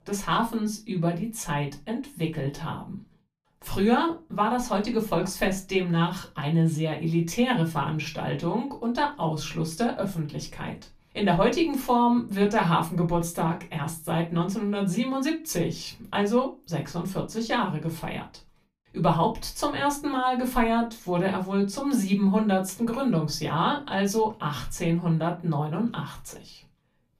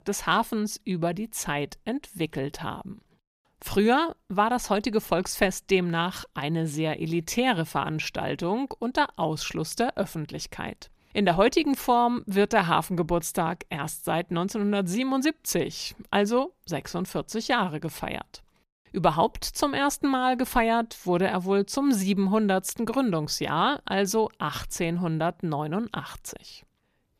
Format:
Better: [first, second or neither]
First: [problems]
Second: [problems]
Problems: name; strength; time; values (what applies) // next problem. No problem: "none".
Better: second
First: off-mic speech; far // room echo; very slight; dies away in 0.2 s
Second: none